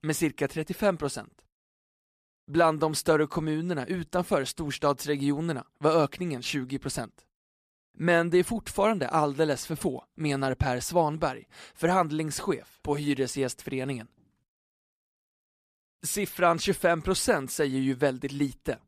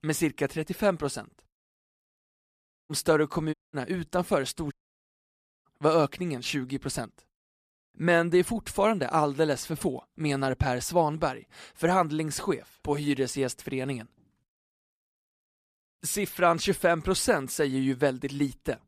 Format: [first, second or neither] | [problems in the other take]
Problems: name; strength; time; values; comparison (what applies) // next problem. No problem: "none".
first | audio cutting out; at 2.5 s for 0.5 s, at 3.5 s and at 4.5 s for 1 s